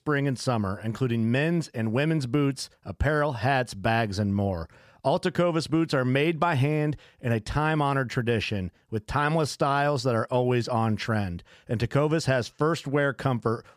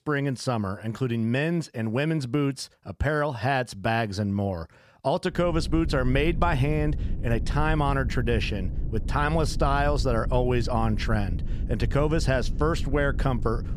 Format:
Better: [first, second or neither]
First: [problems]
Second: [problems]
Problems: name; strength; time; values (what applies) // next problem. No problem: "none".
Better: first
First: none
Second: low rumble; noticeable; from 5.5 s on; 20 dB below the speech